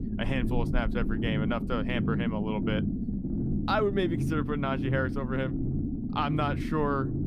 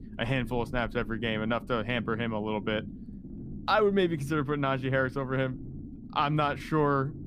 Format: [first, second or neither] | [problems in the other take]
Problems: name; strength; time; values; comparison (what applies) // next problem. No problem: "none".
second | low rumble; loud; throughout; 7 dB below the speech; faint in the second